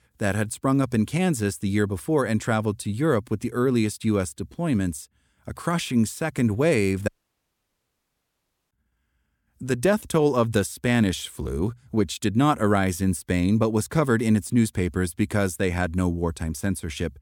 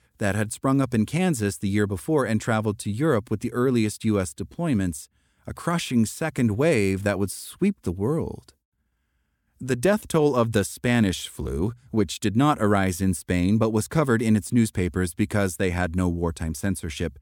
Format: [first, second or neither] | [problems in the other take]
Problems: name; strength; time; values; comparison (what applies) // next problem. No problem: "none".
second | audio cutting out; at 7 s for 1.5 s